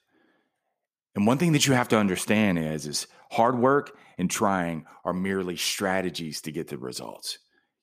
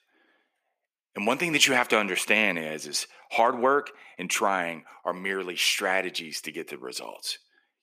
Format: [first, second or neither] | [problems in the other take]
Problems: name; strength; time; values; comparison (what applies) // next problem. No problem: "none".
first | thin; somewhat; fading below 350 Hz